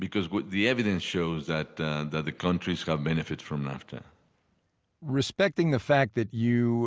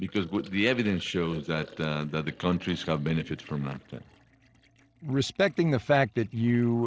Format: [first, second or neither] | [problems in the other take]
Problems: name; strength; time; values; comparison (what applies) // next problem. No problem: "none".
first | noise reduction (neural separator model SepFormer DNS4)